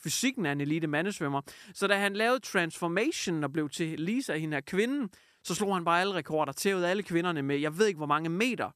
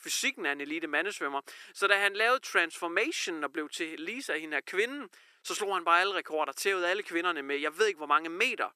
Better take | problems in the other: first | thin; very; fading below 350 Hz

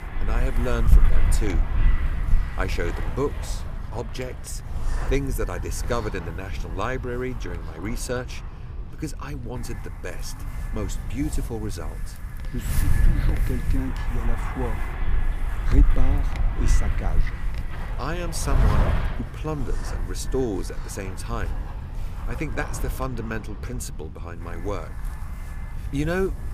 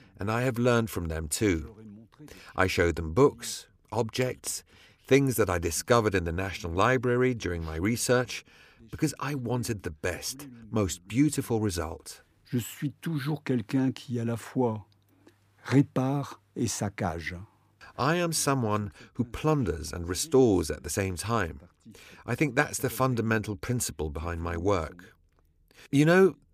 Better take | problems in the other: second | wind noise on the microphone; heavy; 5 dB below the speech

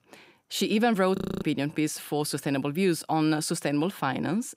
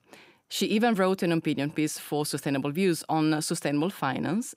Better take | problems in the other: second | audio freezing; at 1 s

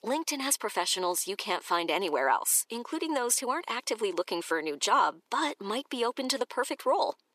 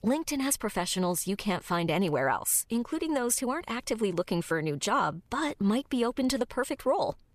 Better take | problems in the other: second | thin; somewhat; fading below 350 Hz

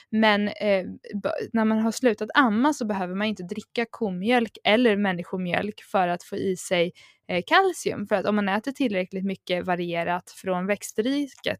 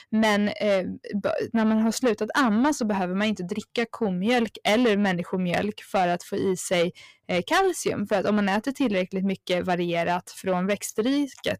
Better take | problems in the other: first | distortion; slight; 10 dB below the speech

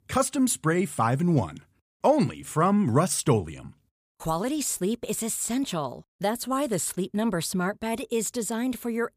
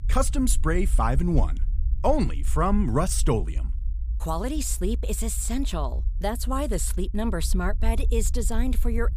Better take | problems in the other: first | low rumble; faint; throughout; 20 dB below the speech

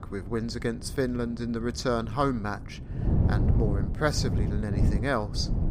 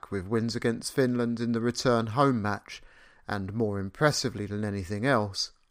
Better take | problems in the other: second | wind noise on the microphone; heavy; 9 dB below the speech

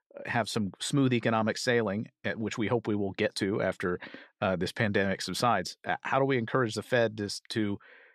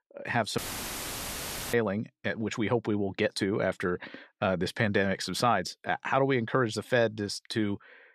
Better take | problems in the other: first | audio cutting out; filled with static; at 0.5 s for 1 s

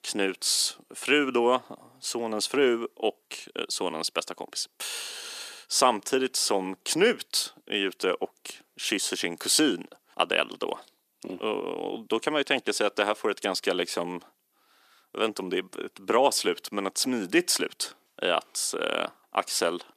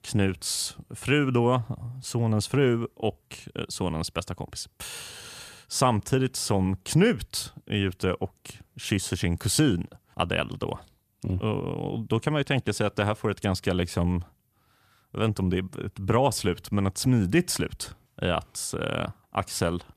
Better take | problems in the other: second | thin; somewhat; fading below 300 Hz

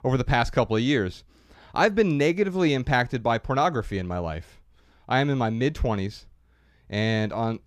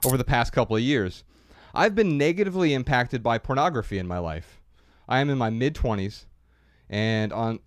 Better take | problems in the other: first | jangling keys; noticeable; at the start; peak 3 dB below the speech

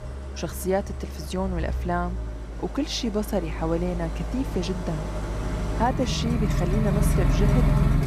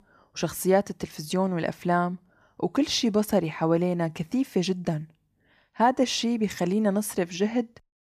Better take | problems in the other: second | traffic noise; very loud; throughout; 1 dB above the speech

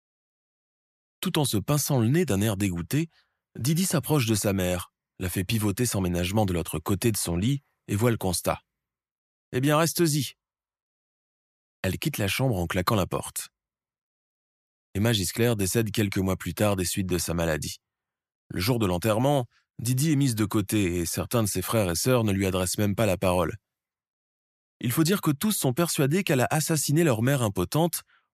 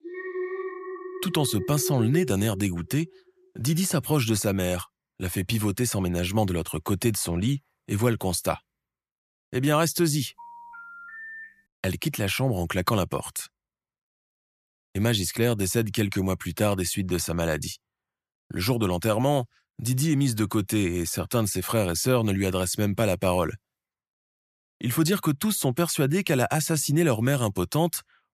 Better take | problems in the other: first | alarm; noticeable; until 3.5 s; peak 6 dB below the speech // phone ringing; faint; from 10 to 12 s; peak 15 dB below the speech

